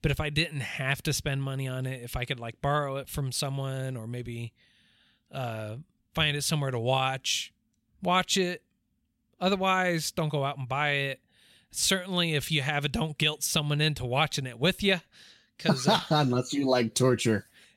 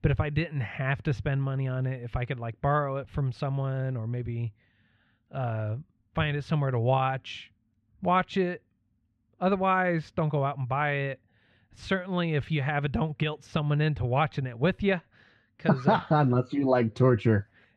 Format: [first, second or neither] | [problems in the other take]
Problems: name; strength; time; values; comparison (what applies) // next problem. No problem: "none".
first | muffled; very; fading above 1.5 kHz